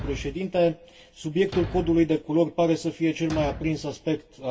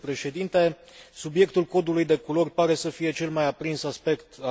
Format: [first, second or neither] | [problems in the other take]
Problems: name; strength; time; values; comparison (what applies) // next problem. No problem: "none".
second | background sound (Thump, thud); 14 dB below the speech // room echo; dies away in 0.2 s